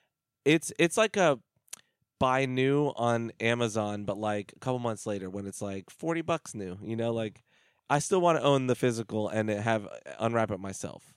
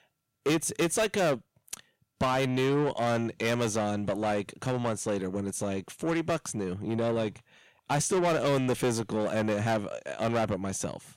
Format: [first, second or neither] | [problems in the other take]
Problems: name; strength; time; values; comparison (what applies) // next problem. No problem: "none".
first | distortion; heavy; 6 dB below the speech